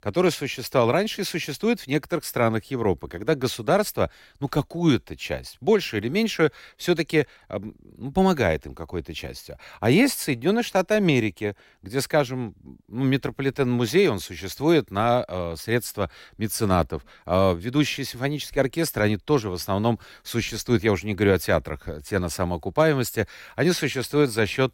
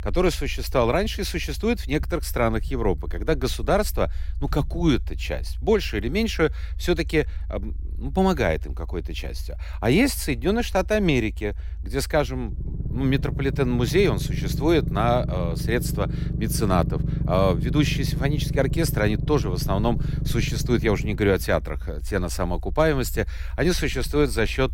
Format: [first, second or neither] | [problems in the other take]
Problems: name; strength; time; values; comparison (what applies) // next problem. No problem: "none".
first | low rumble; noticeable; throughout; 15 dB below the speech